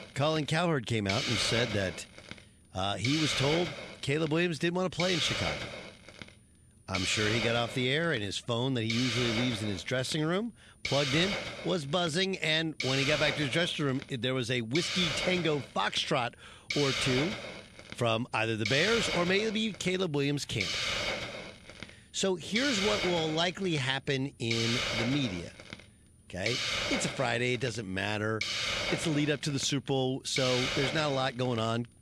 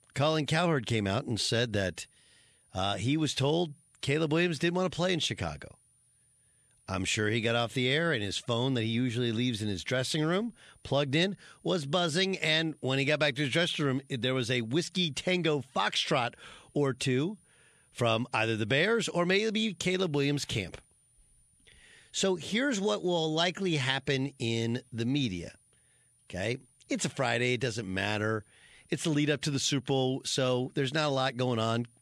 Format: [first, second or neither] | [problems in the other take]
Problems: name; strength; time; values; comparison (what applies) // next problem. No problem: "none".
second | hiss; loud; throughout; 3 dB below the speech